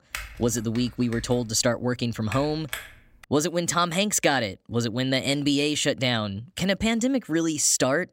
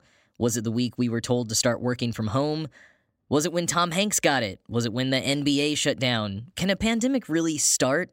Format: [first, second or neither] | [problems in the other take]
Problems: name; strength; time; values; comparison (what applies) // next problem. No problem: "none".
second | keyboard typing; faint; until 3 s; peak 10 dB below the speech